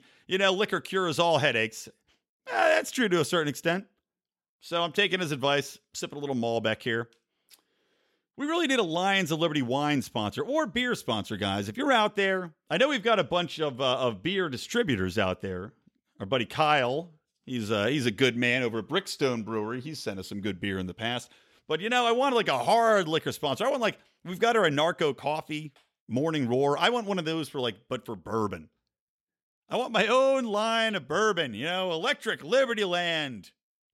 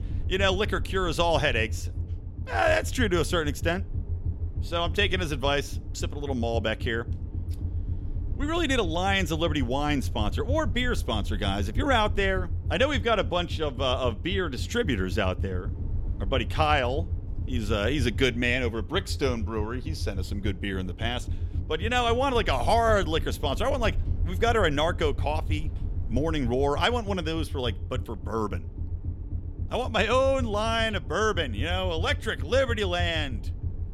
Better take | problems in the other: first | low rumble; faint; throughout; 20 dB below the speech

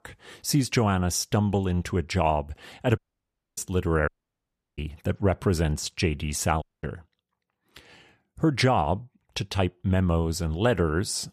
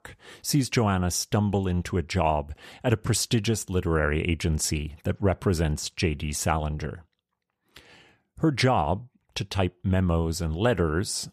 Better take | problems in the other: second | audio cutting out; at 3 s for 0.5 s, at 4 s for 0.5 s and at 6.5 s

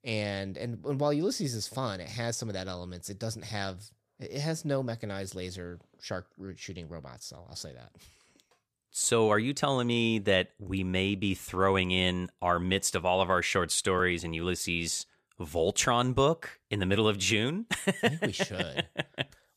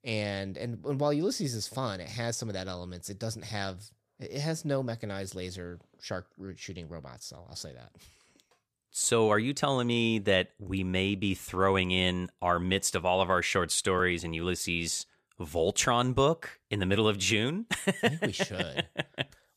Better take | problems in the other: neither | none

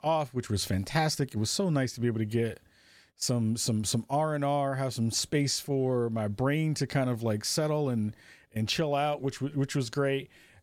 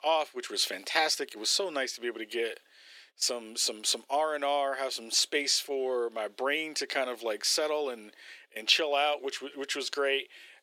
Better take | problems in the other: first | thin; very; fading below 350 Hz

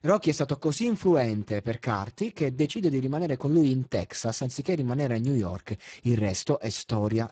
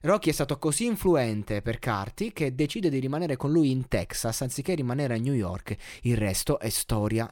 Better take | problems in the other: second | garbled, watery; badly; nothing above 7.5 kHz

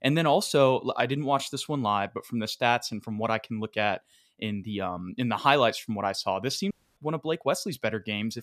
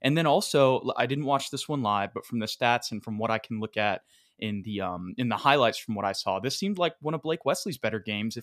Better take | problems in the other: second | audio cutting out; at 6.5 s

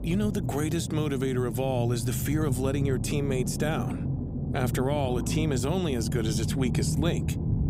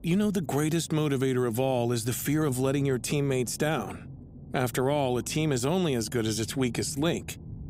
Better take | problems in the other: second | low rumble; loud; throughout; 8 dB below the speech; faint in the second

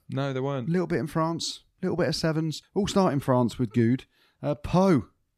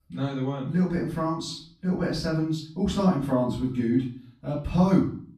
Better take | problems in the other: first | off-mic speech; far // room echo; noticeable; dies away in 0.4 s

